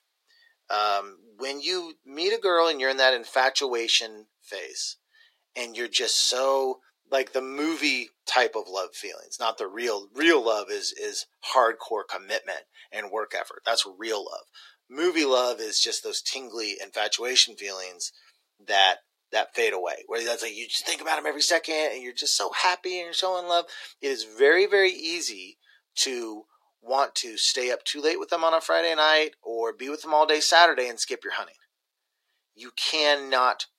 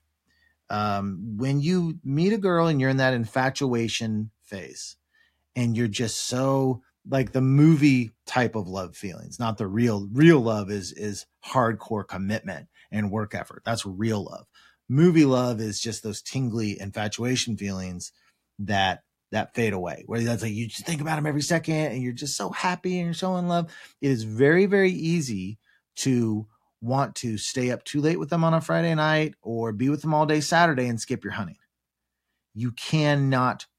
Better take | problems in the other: second | thin; very; fading below 400 Hz

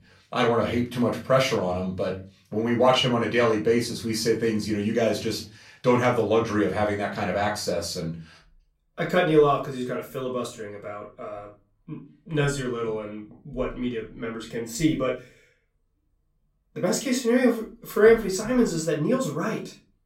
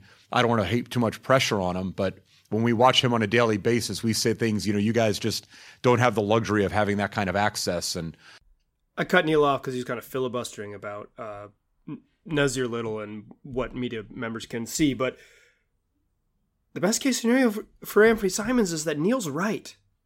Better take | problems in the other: second | off-mic speech; far // room echo; slight; dies away in 0.3 s

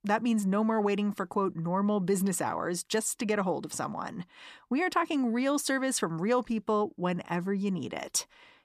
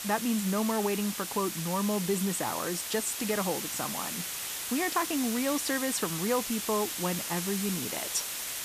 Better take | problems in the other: first | hiss; loud; throughout; 2 dB below the speech

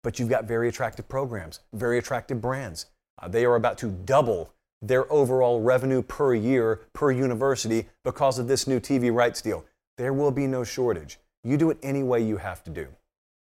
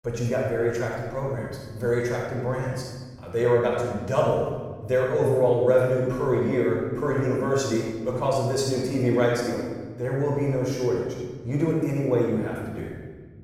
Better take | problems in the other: first | off-mic speech; far // room echo; strong; dies away in 1.4 s

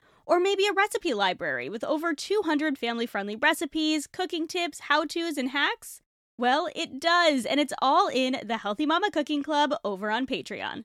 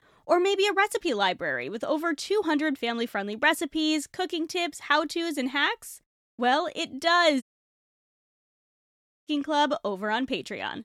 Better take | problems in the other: first | audio cutting out; at 7.5 s for 2 s

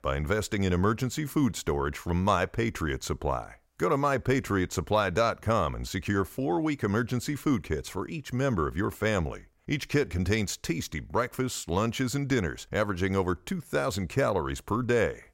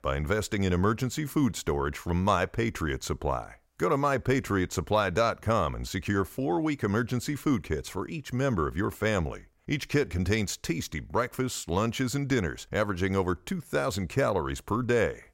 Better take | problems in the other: neither | none

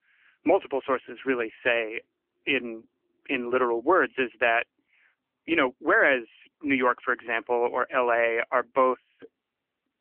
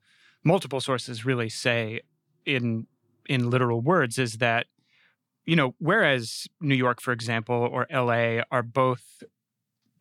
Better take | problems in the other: second | phone-call audio; nothing above 3 kHz

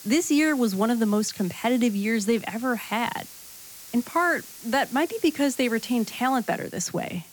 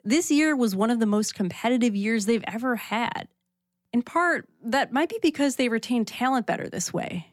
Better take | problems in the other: second | hiss; noticeable; throughout; 15 dB below the speech

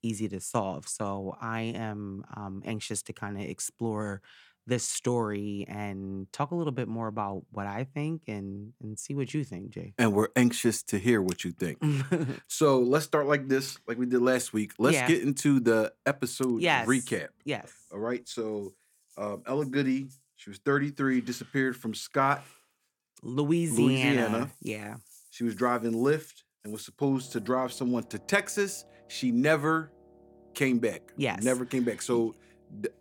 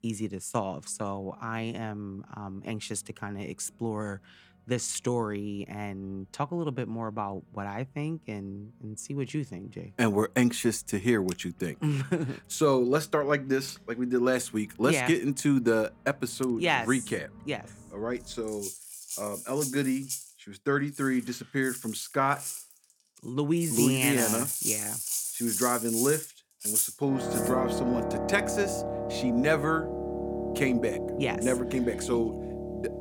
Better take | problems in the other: first | background music; loud; throughout; 2 dB below the speech; faint in the first

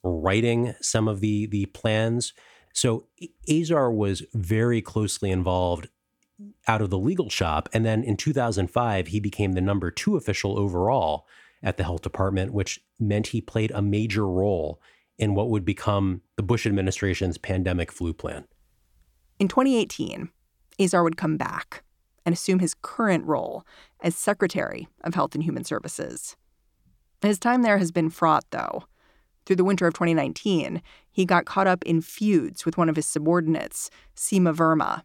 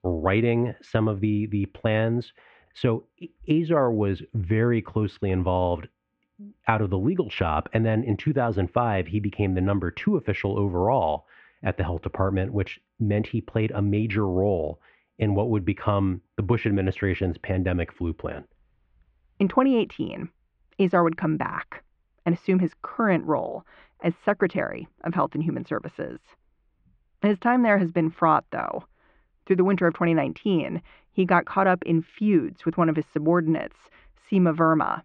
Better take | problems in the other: first | muffled; very; fading above 2.5 kHz

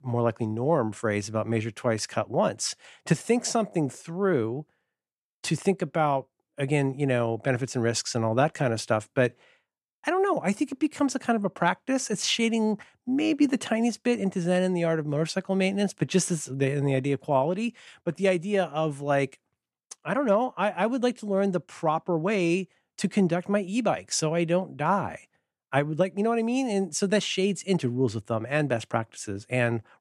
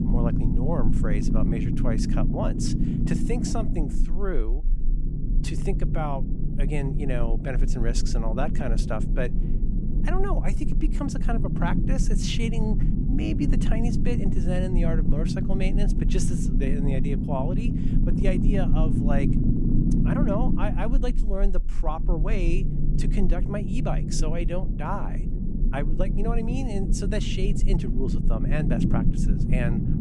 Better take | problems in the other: first | low rumble; loud; throughout; 2 dB below the speech

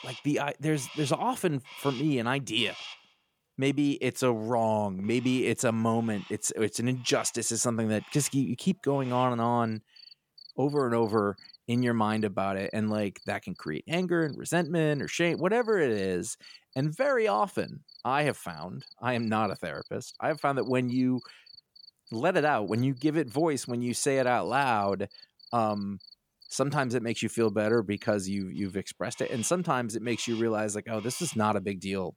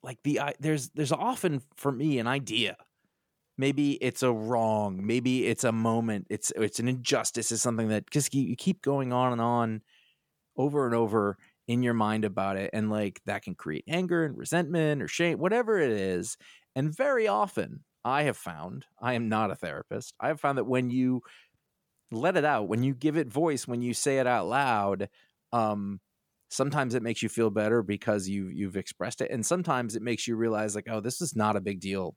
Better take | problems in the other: second | animal sounds; faint; throughout; 20 dB below the speech

